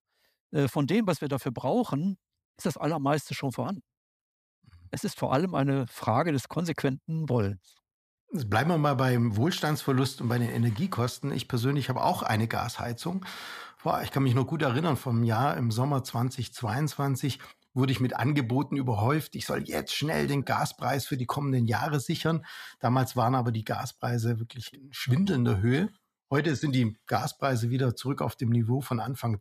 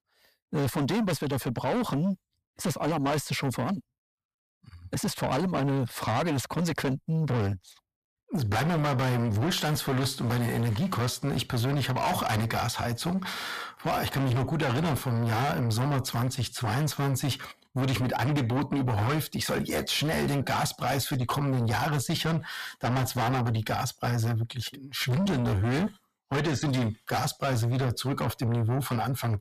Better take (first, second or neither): first